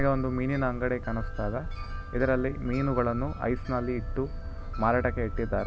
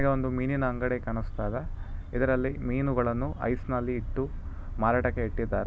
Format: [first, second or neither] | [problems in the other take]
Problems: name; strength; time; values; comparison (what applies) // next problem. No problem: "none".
second | background sound (Wind chime); 18 dB below the speech